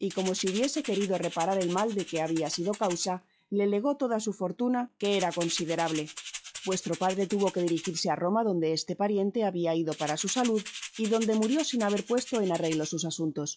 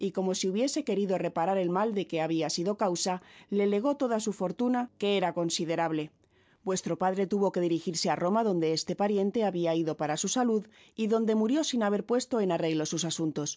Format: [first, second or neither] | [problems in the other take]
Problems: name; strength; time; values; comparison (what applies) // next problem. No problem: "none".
second | noise reduction (classical method log-MMSE)